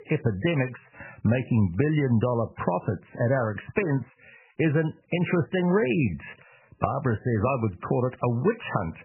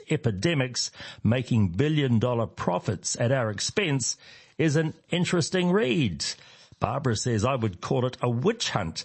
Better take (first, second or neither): second